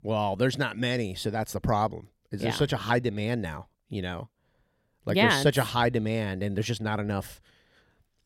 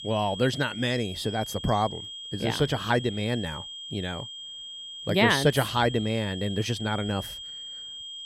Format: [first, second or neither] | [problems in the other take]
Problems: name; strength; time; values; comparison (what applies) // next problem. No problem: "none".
first | high-pitched whine; loud; throughout; 3 kHz, 10 dB below the speech